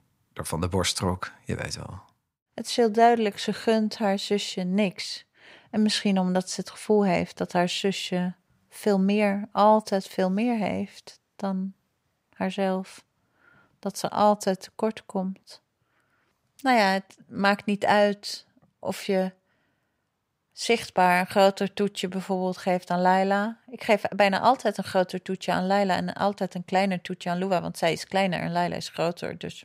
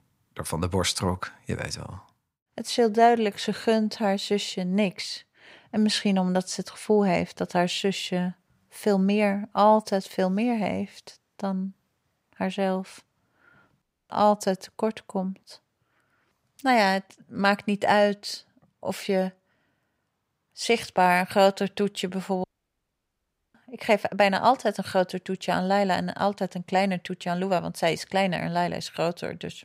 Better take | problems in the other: first | audio cutting out; at 14 s and at 22 s for 1 s

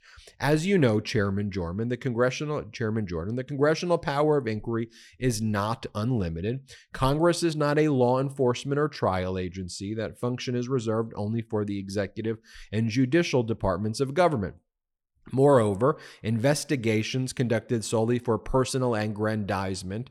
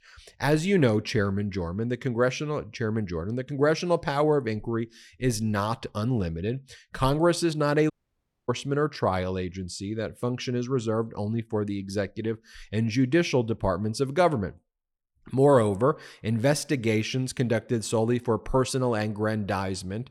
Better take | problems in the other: first | audio cutting out; at 8 s for 0.5 s

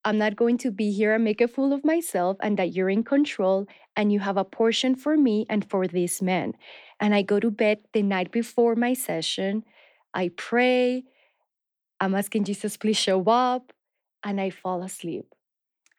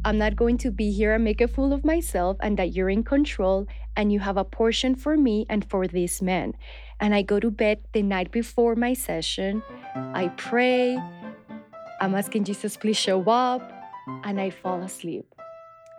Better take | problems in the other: first | background music; noticeable; throughout; 15 dB below the speech

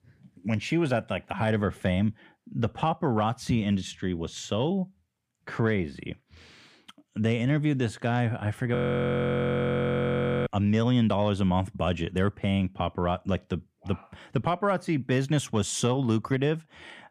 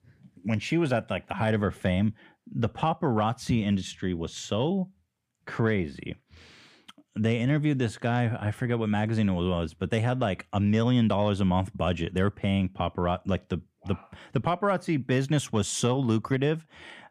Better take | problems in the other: second | audio freezing; at 9 s for 1.5 s

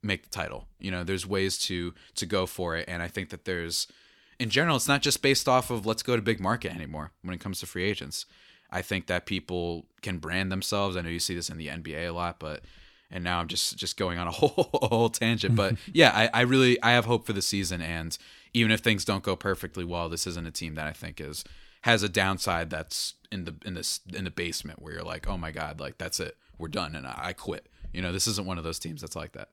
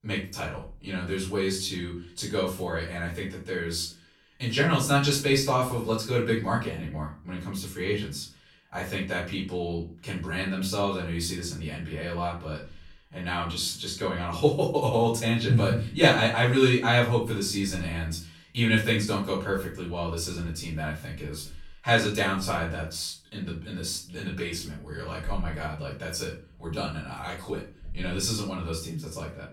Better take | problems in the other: first | off-mic speech; far // room echo; slight; dies away in 0.4 s

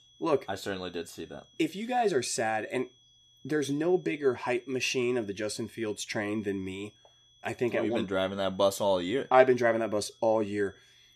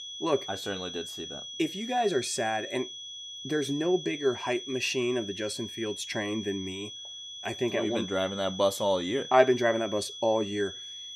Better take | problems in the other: first | high-pitched whine; loud; throughout; 3.5 kHz, 9 dB below the speech; faint in the first

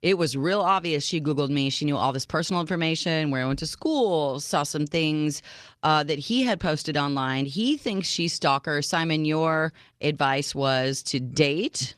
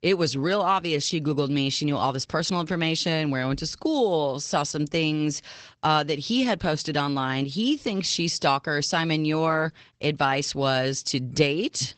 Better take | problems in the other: first | garbled, watery; badly; nothing above 8 kHz; slightly in the first

